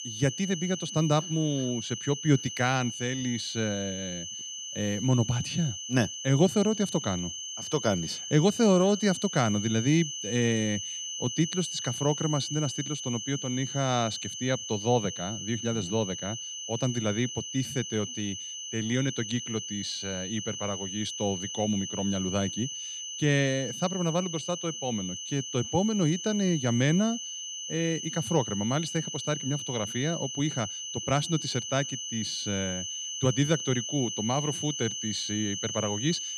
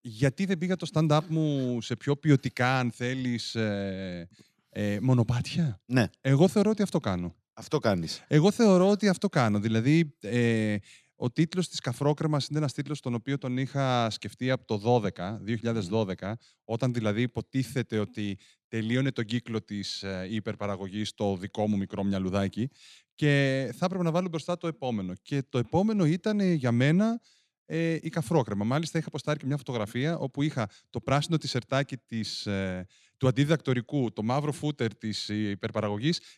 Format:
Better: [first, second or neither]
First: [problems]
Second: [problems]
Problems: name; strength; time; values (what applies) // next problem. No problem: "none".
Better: second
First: high-pitched whine; loud; throughout; 6 kHz, 5 dB below the speech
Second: none